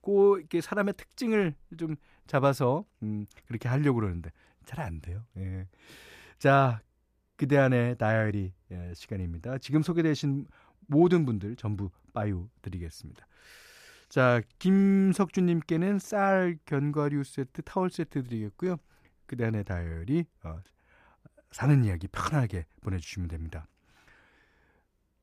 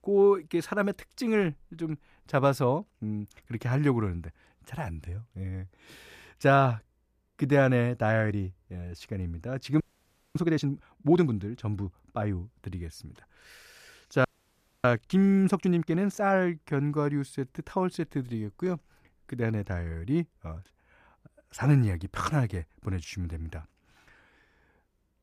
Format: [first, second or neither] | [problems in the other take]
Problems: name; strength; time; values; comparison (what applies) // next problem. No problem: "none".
first | audio freezing; at 10 s for 0.5 s and at 14 s for 0.5 s